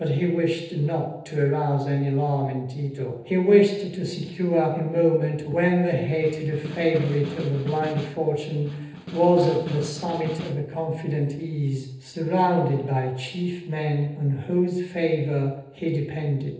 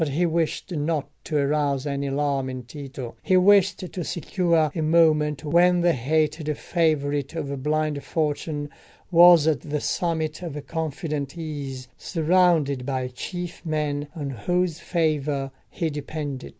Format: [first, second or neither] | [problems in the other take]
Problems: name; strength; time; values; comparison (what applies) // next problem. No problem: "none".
second | noise reduction (neural separator model SepFormer DNS4)